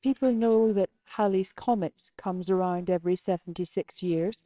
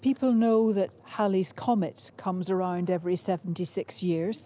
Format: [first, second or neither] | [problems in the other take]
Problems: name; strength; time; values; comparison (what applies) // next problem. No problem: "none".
second | noise reduction (neural separator model SepFormer WHAMR!)